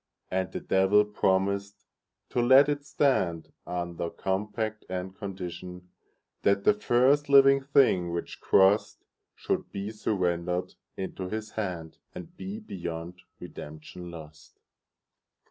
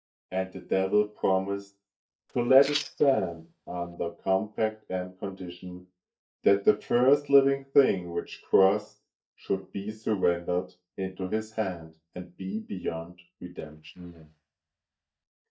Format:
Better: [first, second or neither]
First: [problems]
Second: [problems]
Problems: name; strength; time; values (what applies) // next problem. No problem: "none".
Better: first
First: none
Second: noise reduction (neural mask model DeepFilterNet 3)